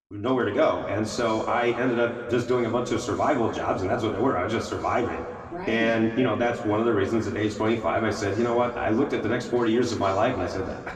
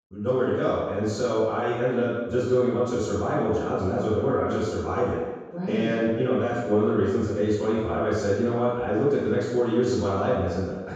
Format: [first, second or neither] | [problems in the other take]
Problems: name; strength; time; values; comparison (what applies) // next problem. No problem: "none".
first | room echo; strong; dies away in 1.2 s; slight in the first // off-mic speech; far; far in the first